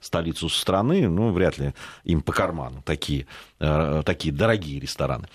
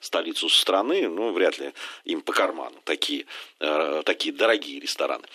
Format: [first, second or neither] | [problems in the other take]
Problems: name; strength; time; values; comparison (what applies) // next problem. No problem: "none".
first | thin; somewhat; fading below 300 Hz